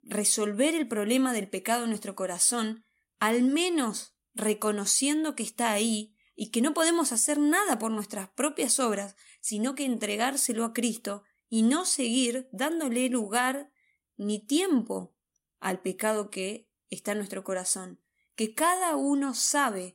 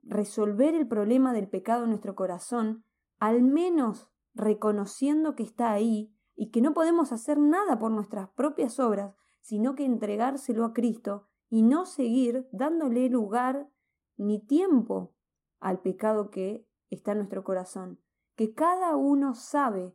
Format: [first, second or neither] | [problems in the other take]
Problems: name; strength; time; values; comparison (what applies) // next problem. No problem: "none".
first | muffled; very; fading above 1.5 kHz